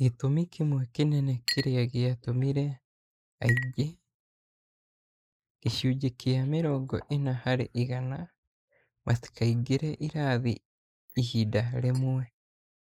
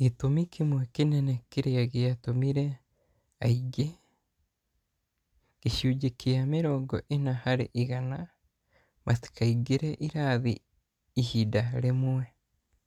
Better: second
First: noise reduction (neural mask model Resemble Enhance denoiser)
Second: none

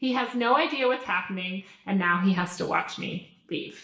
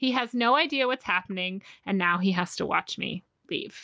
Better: second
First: room echo; dies away in 0.6 s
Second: none

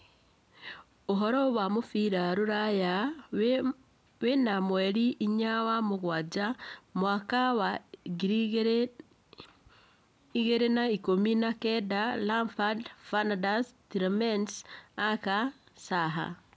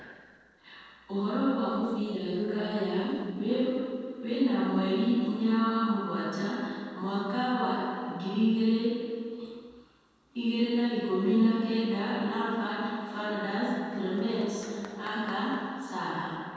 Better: first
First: none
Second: noise reduction (neural separator model SepFormer DNS4)

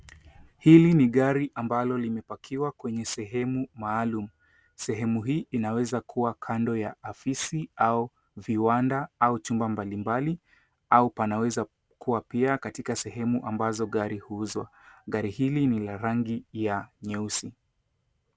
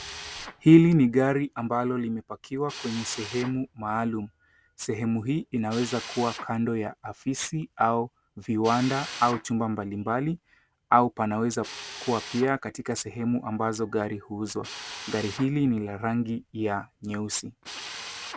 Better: first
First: none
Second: background sound (Drill); 17 dB below the speech

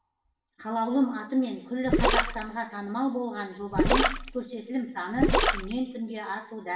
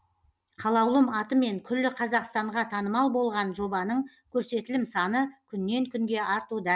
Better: second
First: background sound (Gurgling); 4 dB above the speech // room echo; dies away in 0.7 s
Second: none

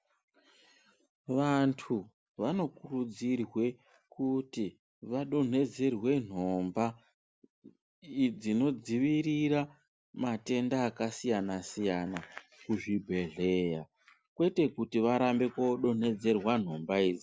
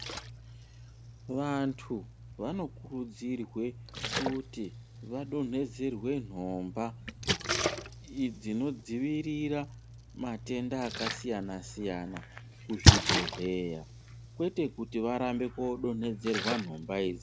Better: first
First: none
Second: background sound (Splash, splatter); as loud as the speech

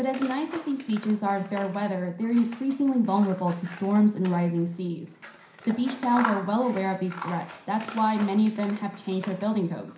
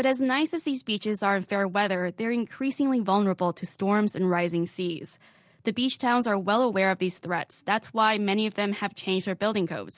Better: second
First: background sound (Scissors); 15 dB below the speech // room echo; dies away in 0.5 s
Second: none

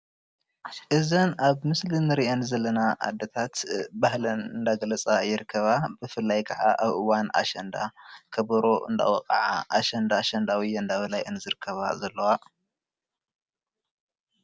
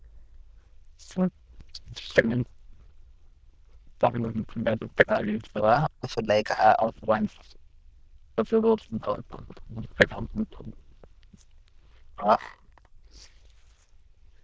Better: first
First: none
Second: noise reduction (neural diffusion model UNIVERSE++)

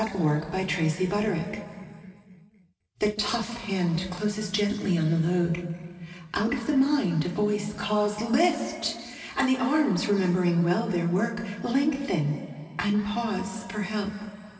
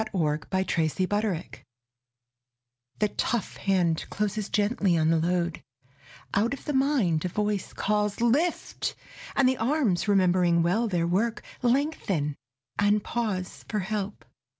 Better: second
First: room echo; dies away in 2.5 s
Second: none

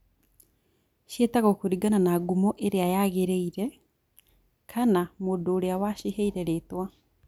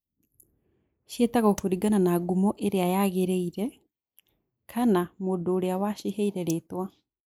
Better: first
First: none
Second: noise reduction (neural mask model Resemble Enhance denoiser)

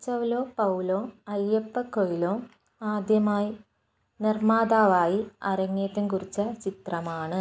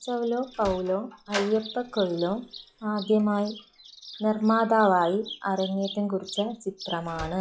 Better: first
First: none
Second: noise reduction (classical method log-MMSE)

